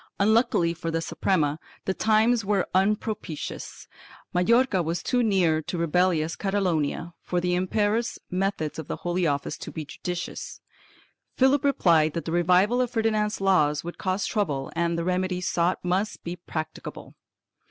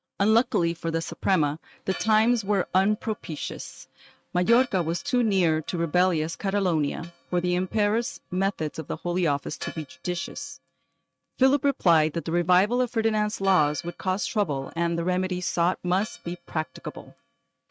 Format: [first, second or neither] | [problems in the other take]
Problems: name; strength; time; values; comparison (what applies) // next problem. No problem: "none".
first | noise reduction (neural mask model RNNoise)